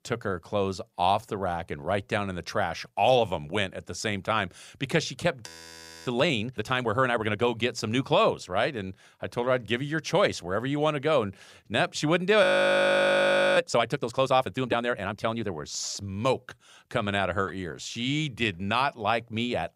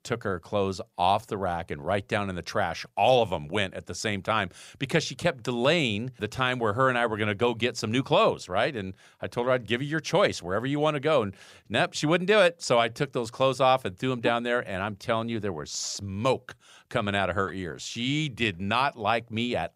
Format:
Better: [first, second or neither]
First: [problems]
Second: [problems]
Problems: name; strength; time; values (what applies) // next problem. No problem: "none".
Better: second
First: audio freezing; at 5.5 s for 0.5 s and at 12 s for 1 s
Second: none